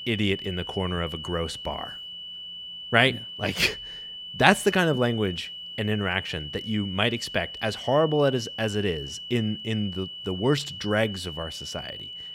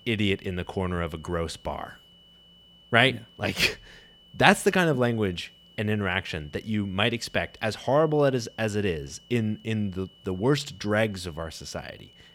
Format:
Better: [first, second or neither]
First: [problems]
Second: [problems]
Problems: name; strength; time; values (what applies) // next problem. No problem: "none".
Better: second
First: high-pitched whine; loud; throughout; 3 kHz, 10 dB below the speech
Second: high-pitched whine; faint; throughout; 3 kHz, 25 dB below the speech